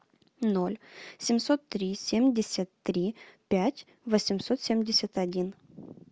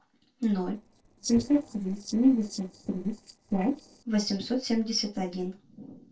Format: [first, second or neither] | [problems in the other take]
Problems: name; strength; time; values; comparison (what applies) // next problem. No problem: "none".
first | noise reduction (neural separator model SepFormer DNS4)